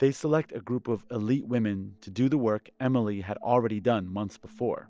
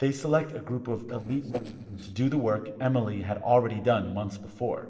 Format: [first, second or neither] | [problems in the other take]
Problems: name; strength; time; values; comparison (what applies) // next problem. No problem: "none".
first | noise reduction (neural separator model SepFormer DNS4)